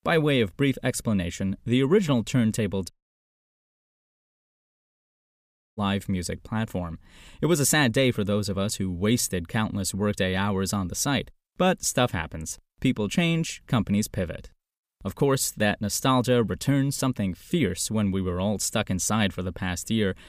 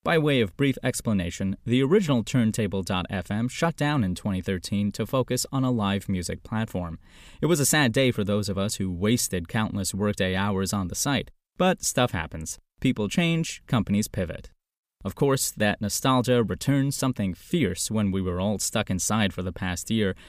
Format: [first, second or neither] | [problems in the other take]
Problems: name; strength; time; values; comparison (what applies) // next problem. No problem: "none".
second | audio cutting out; at 3 s for 3 s